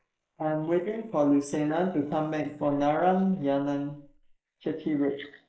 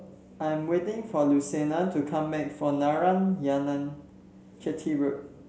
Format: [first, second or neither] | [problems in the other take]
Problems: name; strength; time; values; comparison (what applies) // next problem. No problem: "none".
second | noise reduction (neural mask model Resemble Enhance denoiser)